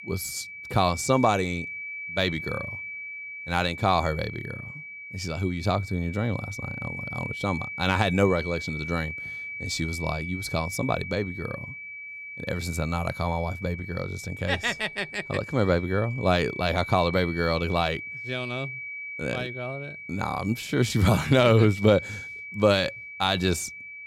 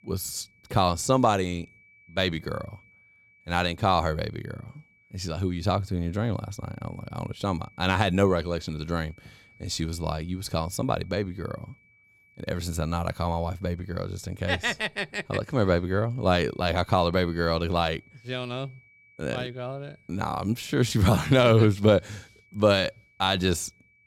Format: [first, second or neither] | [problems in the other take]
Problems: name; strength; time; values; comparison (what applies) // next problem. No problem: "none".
second | high-pitched whine; loud; throughout; 2.5 kHz, 9 dB below the speech; faint in the second